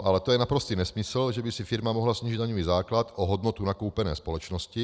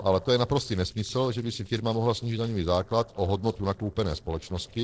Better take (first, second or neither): first